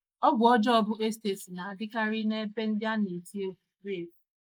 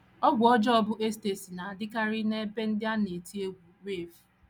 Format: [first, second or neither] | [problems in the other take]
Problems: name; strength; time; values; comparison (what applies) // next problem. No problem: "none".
second | noise reduction (neural mask model Resemble Enhance denoiser)